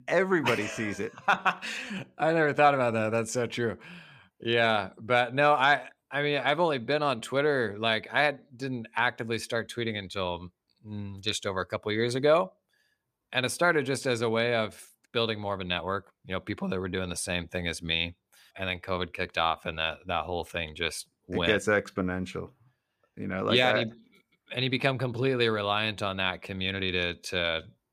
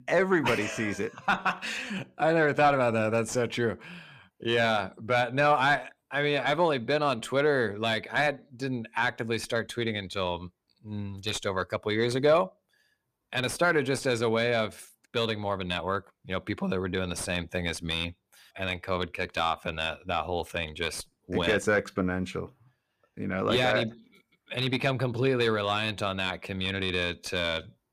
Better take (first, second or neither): first